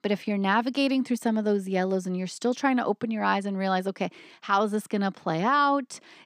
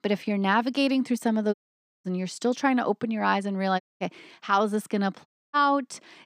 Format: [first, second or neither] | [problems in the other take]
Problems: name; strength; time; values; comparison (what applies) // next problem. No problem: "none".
first | audio cutting out; at 1.5 s for 0.5 s, at 4 s and at 5.5 s